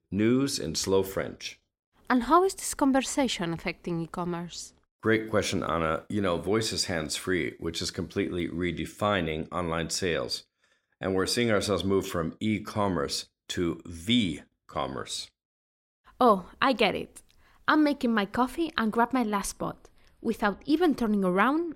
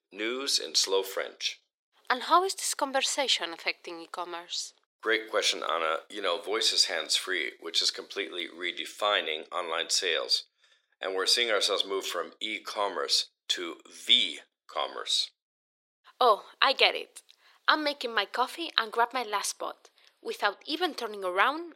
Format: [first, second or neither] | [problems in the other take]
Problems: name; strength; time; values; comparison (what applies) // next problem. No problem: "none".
first | thin; very; fading below 400 Hz